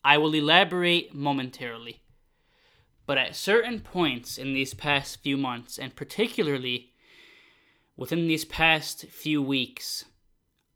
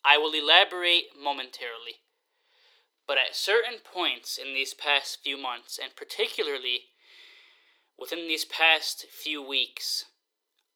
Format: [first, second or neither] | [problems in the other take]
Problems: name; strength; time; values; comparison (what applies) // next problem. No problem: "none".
first | thin; very; fading below 400 Hz